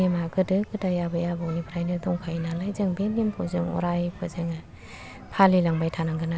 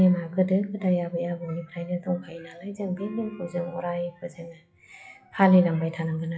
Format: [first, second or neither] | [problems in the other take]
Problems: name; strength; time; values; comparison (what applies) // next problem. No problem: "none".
first | noise reduction (classical method WPE with log-MMSE)